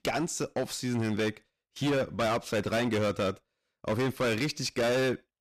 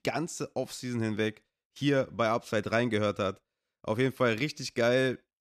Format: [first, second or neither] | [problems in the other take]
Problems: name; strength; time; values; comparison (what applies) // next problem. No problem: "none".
second | distortion; heavy; 18% of the sound clipped